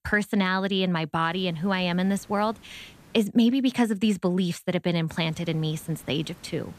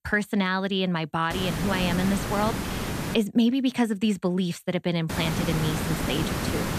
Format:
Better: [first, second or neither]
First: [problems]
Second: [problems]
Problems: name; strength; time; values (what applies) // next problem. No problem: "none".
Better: first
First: hiss; faint; from 1.5 to 3 s and from 5 s on; 25 dB below the speech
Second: hiss; loud; from 1.5 to 3 s and from 5 s on; 4 dB below the speech